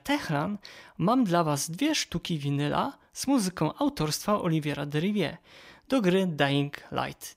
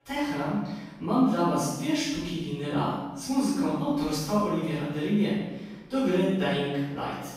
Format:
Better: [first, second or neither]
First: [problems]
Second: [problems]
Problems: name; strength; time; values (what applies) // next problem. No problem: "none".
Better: first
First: none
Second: off-mic speech; far // room echo; strong; dies away in 1 s